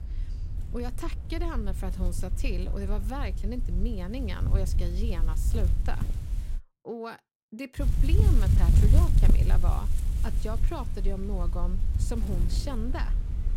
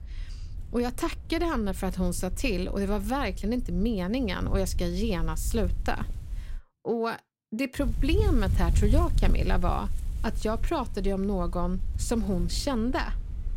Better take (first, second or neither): second